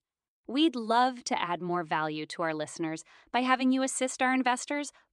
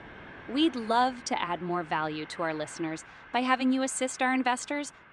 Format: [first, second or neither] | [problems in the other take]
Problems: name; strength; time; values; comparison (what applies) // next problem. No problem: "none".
first | train or aircraft noise; noticeable; throughout; 20 dB below the speech